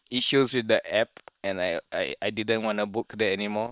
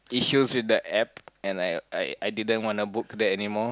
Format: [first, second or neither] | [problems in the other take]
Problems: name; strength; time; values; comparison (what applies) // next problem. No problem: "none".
second | noise reduction (neural separator model SepFormer WHAM!)